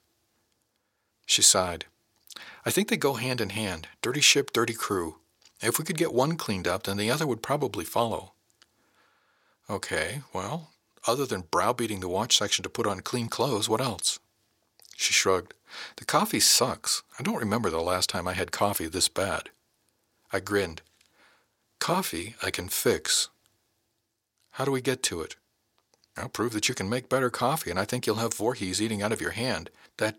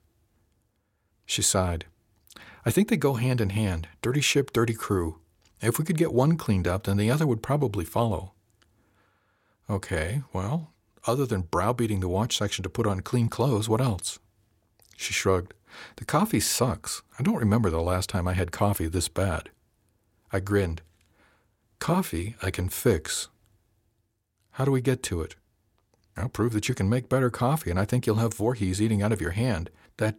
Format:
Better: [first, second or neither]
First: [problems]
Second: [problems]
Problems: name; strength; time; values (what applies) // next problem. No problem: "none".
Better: second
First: thin; somewhat; fading below 1 kHz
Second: none